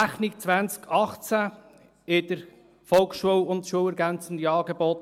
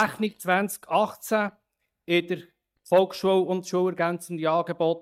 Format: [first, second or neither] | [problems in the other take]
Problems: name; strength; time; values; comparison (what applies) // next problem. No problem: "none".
first | noise reduction (neural mask model DeepFilterNet 3)